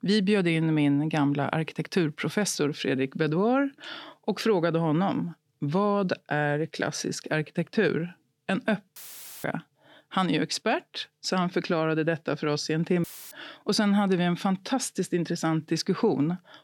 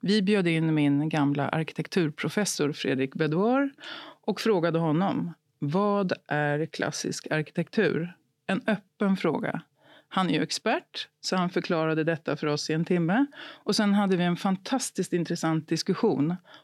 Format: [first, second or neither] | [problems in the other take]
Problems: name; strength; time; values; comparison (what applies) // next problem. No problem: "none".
second | audio cutting out; filled with static; at 9 s and at 13 s